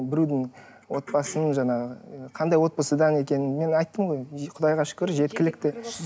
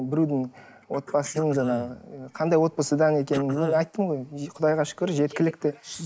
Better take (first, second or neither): first